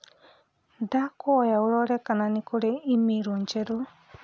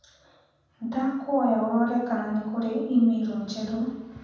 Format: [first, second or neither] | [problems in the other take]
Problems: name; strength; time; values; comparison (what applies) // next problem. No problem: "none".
first | room echo; dies away in 1.2 s